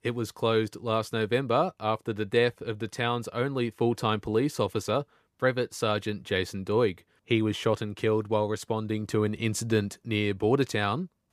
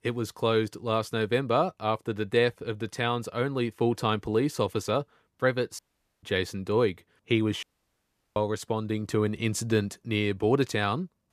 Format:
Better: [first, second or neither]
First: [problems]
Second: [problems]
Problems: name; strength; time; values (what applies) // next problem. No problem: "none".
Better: first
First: none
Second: audio cutting out; at 6 s and at 7.5 s for 0.5 s